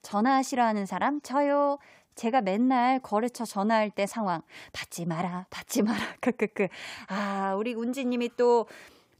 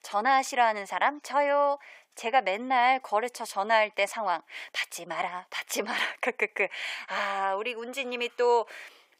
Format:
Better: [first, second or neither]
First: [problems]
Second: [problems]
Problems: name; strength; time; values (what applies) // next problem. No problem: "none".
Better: first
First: none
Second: thin; very; fading below 600 Hz